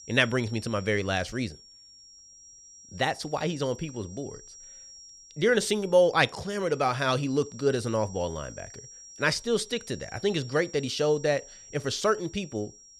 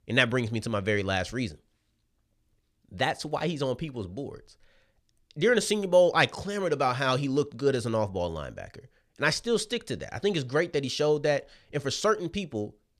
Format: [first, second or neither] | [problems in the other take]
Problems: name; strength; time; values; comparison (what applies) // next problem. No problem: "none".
second | high-pitched whine; noticeable; throughout; 5.5 kHz, 20 dB below the speech